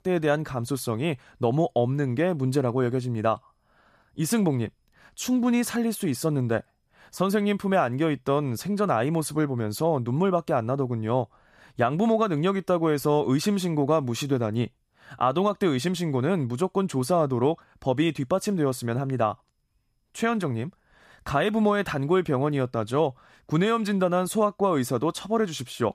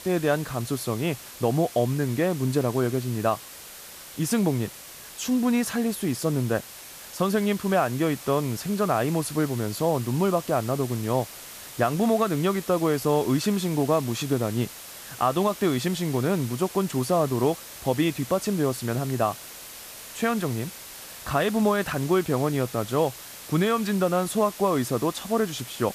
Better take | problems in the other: first | hiss; noticeable; throughout; 15 dB below the speech

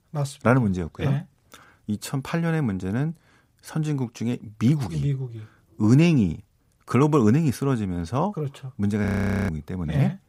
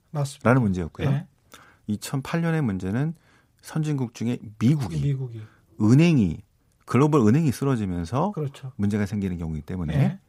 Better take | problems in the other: second | audio freezing; at 9 s

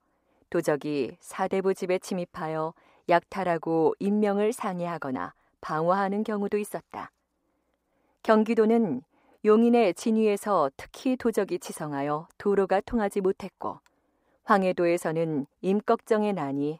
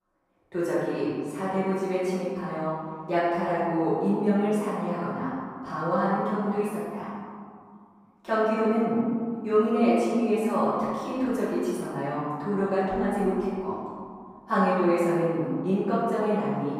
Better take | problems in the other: first | room echo; strong; dies away in 2.1 s // off-mic speech; far

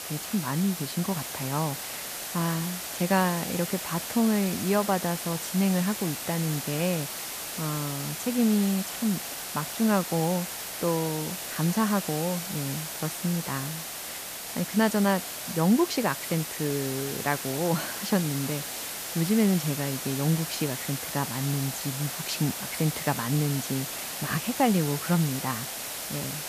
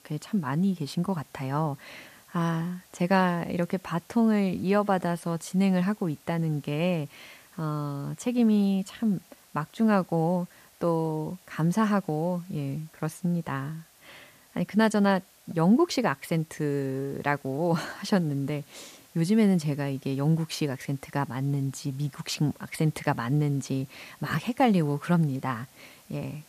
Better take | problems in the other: second | hiss; loud; throughout; 5 dB below the speech; faint in the second

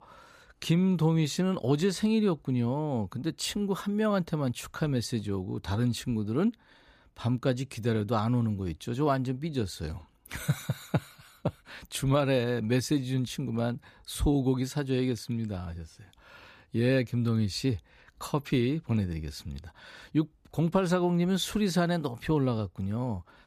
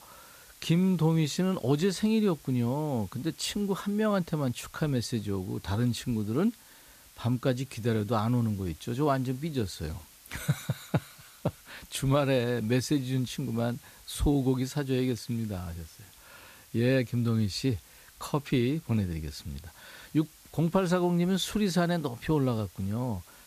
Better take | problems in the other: first | hiss; faint; throughout; 25 dB below the speech

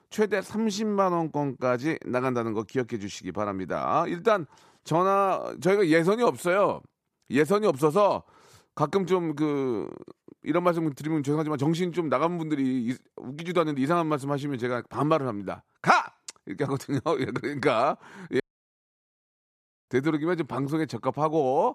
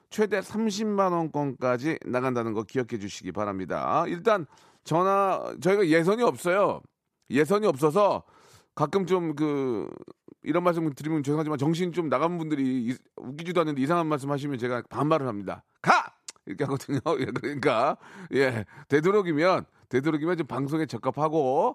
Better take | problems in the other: second | audio cutting out; at 18 s for 1.5 s

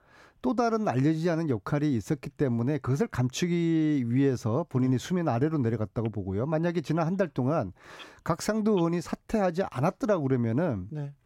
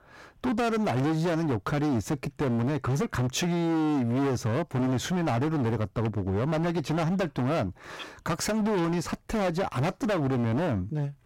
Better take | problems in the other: first | distortion; heavy; 32% of the sound clipped

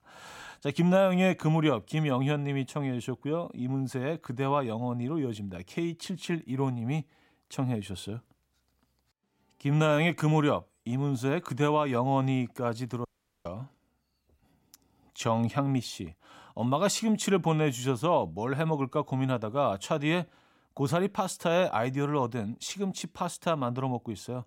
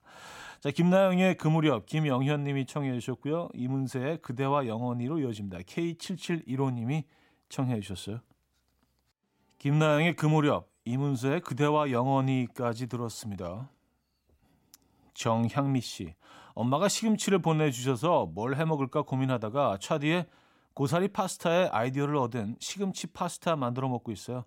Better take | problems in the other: second | audio cutting out; at 13 s

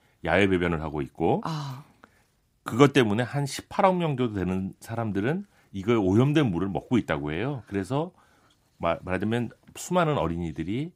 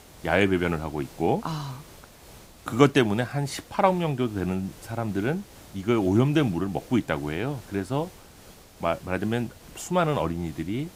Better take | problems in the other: first | hiss; faint; throughout; 20 dB below the speech

